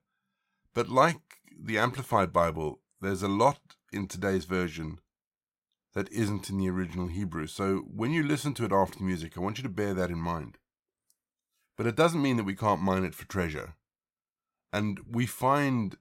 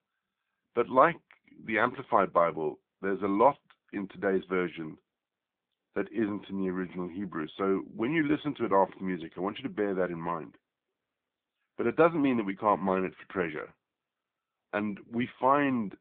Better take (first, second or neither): first